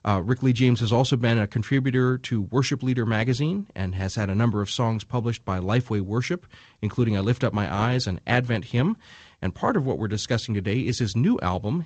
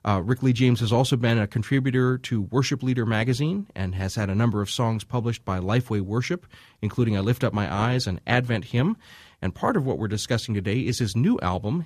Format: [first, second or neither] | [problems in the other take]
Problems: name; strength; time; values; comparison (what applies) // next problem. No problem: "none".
second | garbled, watery; slightly; nothing above 7.5 kHz